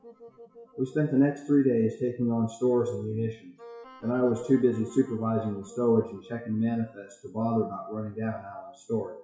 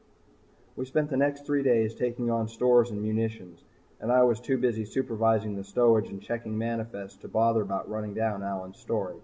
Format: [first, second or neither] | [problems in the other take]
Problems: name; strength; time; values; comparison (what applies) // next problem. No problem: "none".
second | noise reduction (classical method WPE with log-MMSE)